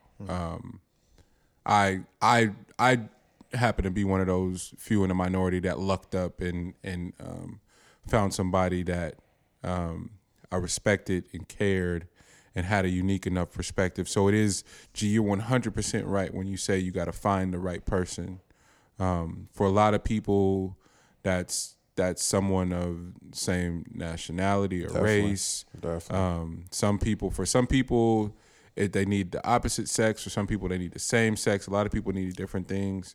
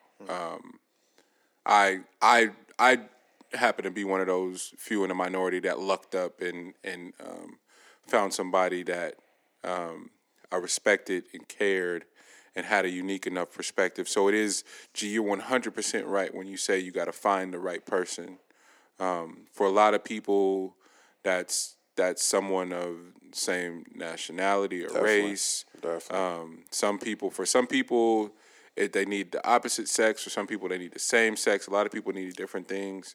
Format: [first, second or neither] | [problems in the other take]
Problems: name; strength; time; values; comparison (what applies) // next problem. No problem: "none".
first | thin; somewhat; fading below 300 Hz